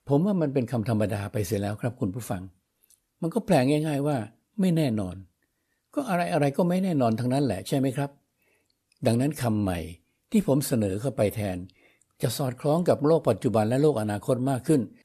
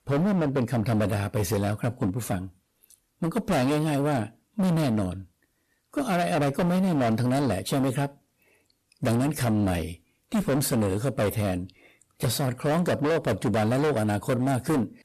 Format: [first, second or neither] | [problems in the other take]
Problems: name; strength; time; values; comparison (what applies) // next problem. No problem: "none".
first | distortion; heavy; 20% of the sound clipped